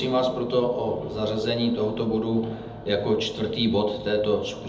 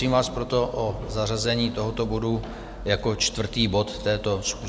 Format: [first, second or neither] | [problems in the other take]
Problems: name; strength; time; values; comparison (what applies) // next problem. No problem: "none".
second | room echo; dies away in 0.8 s